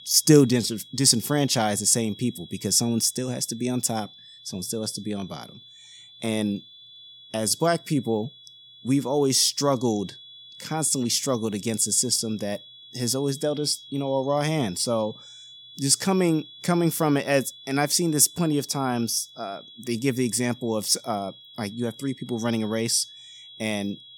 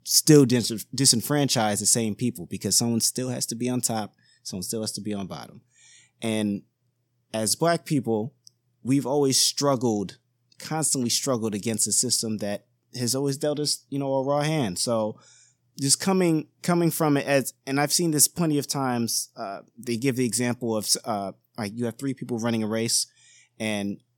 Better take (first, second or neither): second